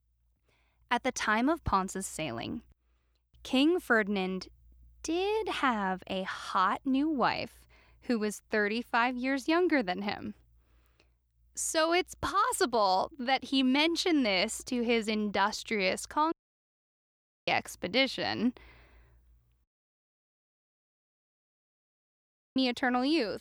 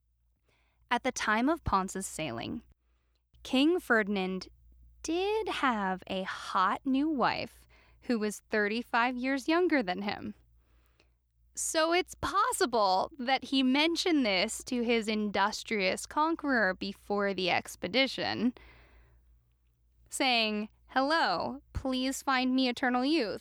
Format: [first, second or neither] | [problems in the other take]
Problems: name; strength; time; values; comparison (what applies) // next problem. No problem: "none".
second | audio cutting out; at 16 s for 1 s and at 20 s for 3 s